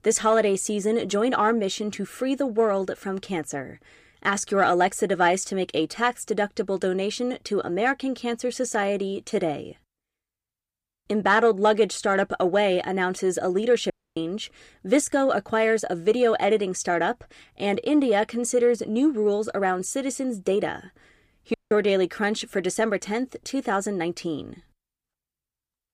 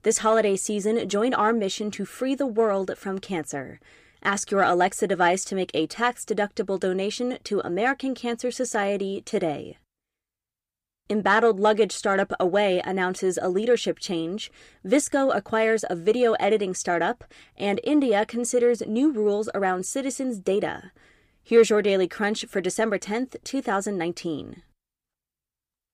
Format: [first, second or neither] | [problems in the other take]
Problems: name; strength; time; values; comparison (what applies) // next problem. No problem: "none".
second | audio cutting out; at 14 s and at 22 s